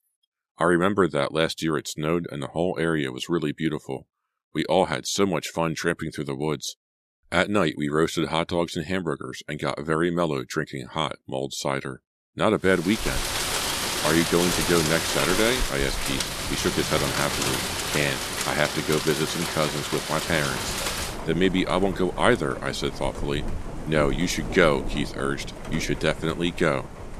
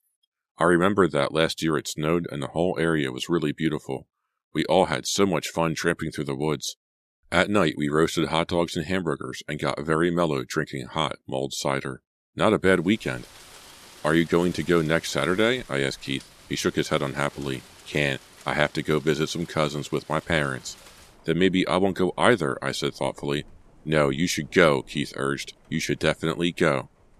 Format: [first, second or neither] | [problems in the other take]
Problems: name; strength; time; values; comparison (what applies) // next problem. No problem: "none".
second | rain or running water; loud; from 13 s on; 3 dB below the speech; faint in the second